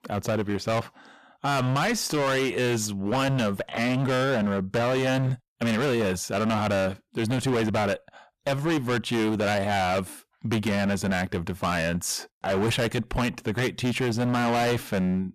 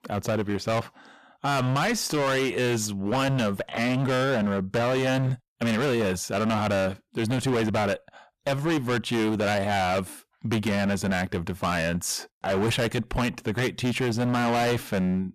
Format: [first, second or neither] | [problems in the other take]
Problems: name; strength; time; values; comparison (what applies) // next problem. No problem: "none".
neither | distortion; heavy; 26% of the sound clipped; the same in both